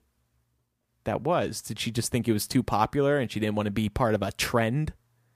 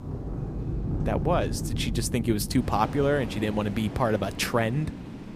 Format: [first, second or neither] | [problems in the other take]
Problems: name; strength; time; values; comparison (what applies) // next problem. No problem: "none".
first | rain or running water; loud; throughout; 6 dB below the speech